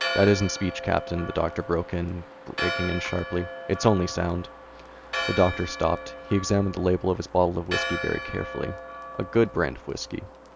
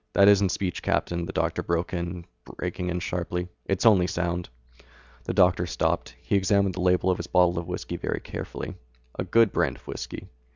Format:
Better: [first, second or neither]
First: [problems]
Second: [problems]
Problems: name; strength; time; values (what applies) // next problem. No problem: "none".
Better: second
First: background sound (Church bell); 8 dB below the speech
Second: none